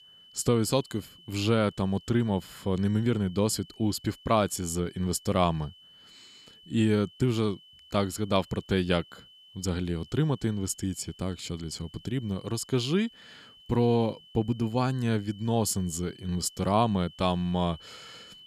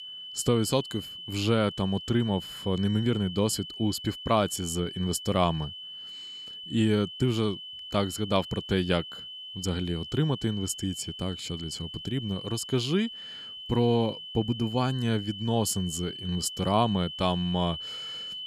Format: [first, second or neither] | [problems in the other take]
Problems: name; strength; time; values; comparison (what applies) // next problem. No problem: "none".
first | high-pitched whine; loud; throughout; 3 kHz, 10 dB below the speech; faint in the first